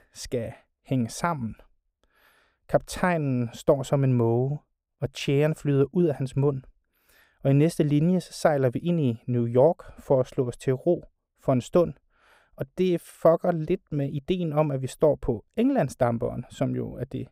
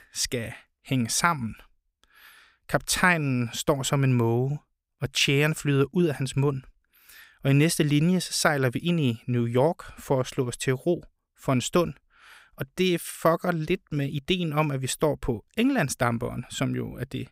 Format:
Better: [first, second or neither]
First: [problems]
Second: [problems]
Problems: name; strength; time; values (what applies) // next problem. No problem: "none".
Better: second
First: muffled; slightly; fading above 1 kHz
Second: none